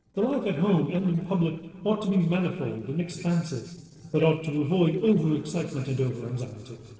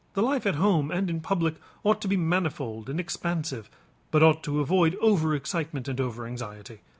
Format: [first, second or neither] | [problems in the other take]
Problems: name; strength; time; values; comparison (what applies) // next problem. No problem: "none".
second | noise reduction (neural separator model SepFormer DNS4)